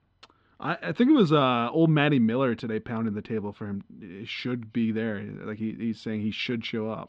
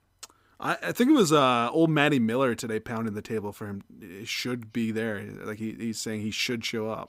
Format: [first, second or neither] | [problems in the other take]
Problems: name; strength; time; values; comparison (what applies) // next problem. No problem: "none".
second | muffled; slightly; fading above 3.5 kHz